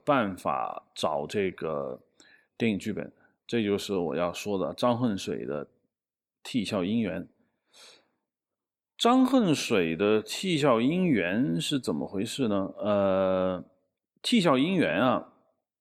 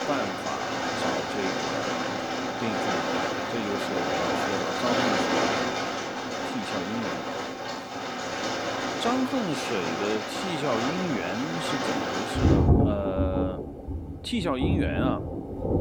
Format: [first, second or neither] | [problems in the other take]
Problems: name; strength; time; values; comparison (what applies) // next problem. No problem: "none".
first | rain or running water; very loud; throughout; 4 dB above the speech